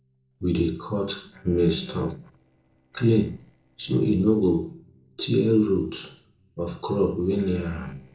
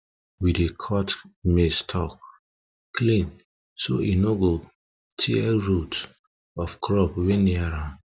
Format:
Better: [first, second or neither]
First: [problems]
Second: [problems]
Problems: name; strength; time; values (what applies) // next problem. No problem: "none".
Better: second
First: noise reduction (neural separator model SepFormer DNS4)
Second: none